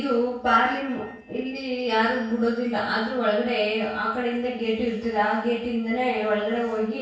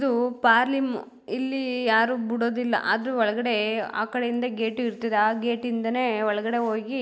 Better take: second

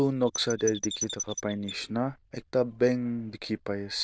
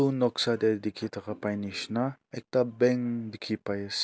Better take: second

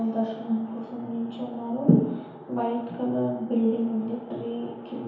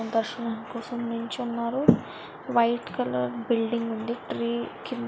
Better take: second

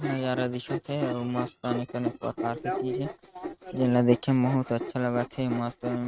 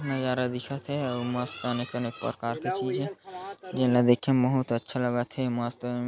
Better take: second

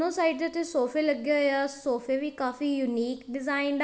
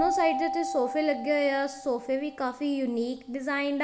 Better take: first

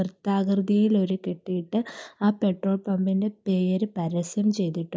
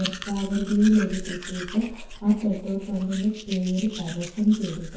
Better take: first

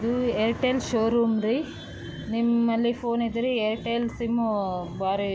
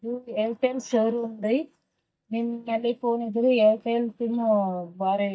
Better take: first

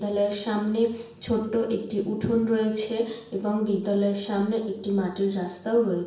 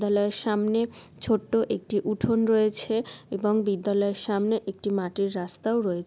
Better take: second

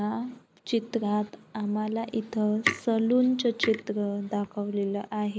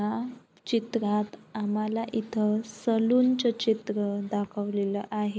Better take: second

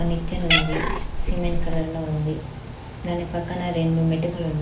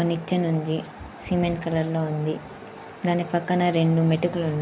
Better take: second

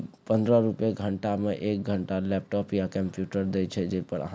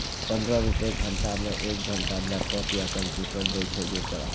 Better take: first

